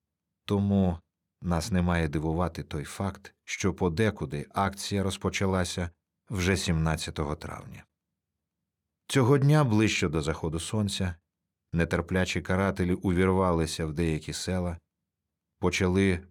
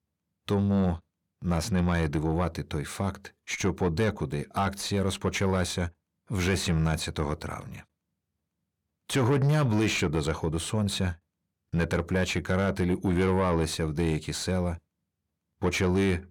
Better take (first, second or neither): first